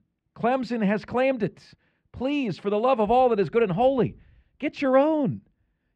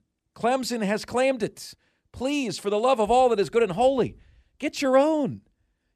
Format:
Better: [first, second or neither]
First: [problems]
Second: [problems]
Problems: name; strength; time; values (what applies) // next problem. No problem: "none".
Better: second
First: muffled; slightly; fading above 2.5 kHz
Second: none